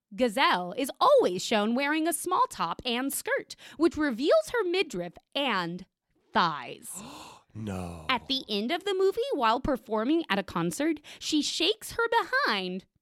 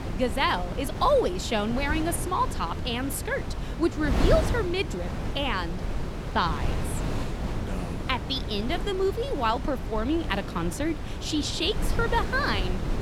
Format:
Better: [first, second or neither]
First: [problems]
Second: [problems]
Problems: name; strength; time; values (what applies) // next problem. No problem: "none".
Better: first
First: none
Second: wind noise on the microphone; heavy; 10 dB below the speech